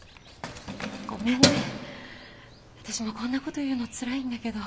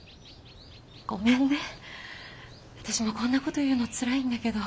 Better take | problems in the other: second | background sound (Keys jangling); as loud as the speech

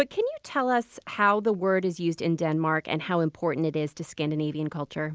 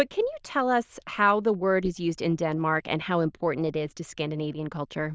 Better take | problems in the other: first | noise reduction (neural diffusion model UNIVERSE++)

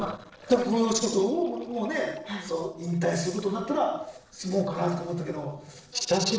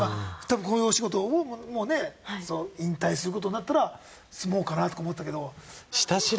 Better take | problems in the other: second | noise reduction (neural separator model SepFormer DNS4)

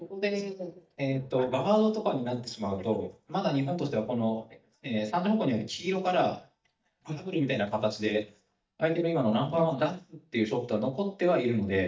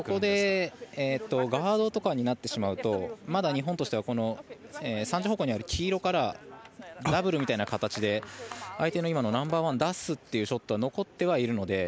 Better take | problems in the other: second | noise reduction (neural mask model DeepFilterNet 3)

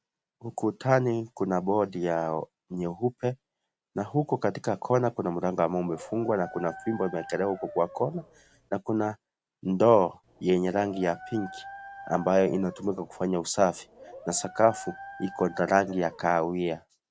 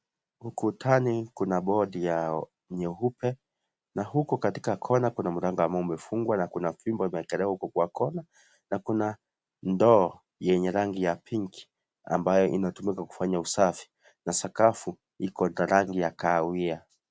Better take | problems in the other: second | background sound (Dog); 17 dB below the speech

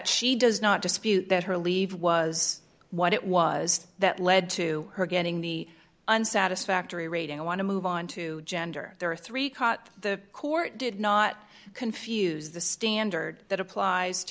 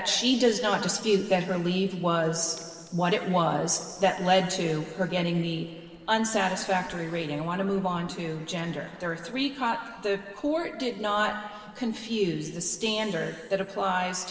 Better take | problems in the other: first | noise reduction (neural separator model SepFormer DNS4)

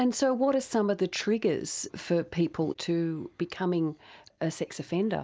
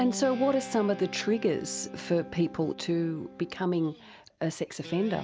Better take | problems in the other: first | background sound (Guitar); 14 dB below the speech

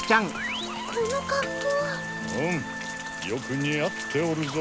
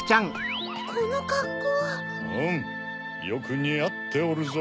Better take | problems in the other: second | background sound (Rain); 13 dB below the speech

